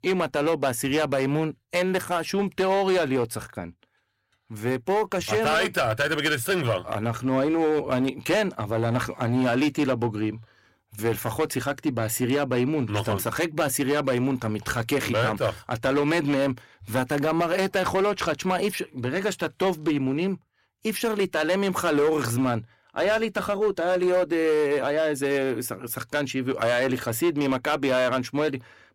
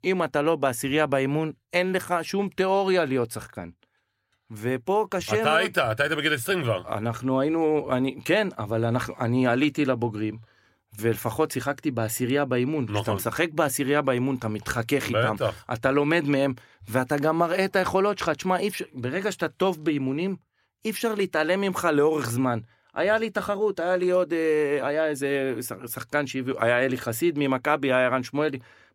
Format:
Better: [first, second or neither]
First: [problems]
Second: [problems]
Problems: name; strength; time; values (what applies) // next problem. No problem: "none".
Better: second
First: distortion; slight; 8% of the sound clipped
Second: none